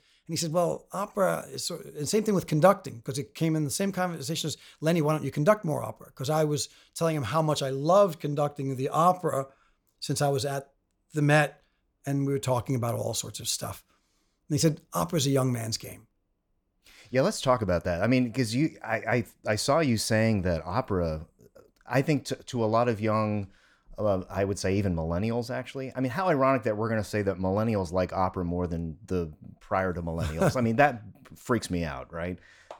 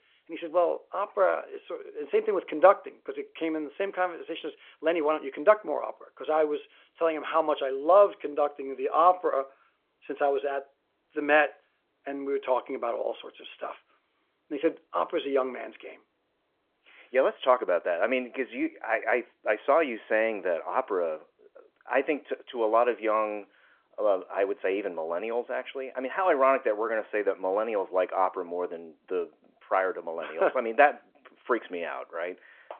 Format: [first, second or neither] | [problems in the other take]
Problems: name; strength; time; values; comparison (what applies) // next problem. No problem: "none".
first | phone-call audio